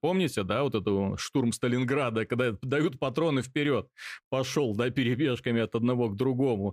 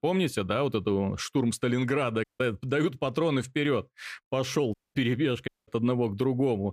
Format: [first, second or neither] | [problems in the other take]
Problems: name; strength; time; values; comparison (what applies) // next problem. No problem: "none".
first | audio cutting out; at 2 s, at 4.5 s and at 5.5 s